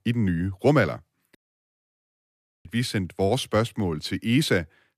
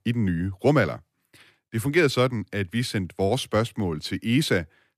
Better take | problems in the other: second | audio cutting out; at 1.5 s for 1.5 s

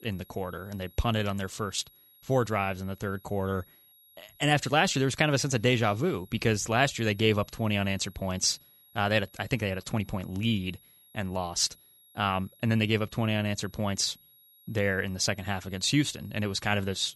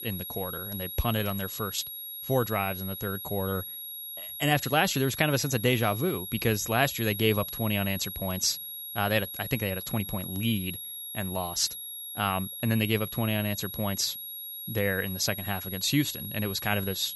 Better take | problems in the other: first | high-pitched whine; loud; throughout; 11.5 kHz, 7 dB below the speech; faint in the first

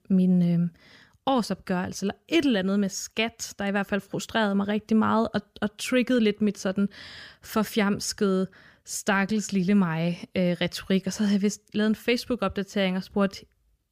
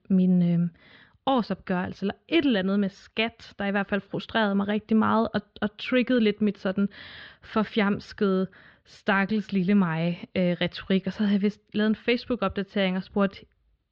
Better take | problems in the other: first | muffled; slightly; fading above 4 kHz

